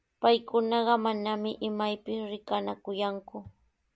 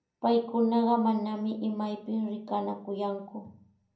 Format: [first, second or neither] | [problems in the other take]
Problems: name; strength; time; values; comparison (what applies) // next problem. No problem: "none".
first | room echo; dies away in 0.6 s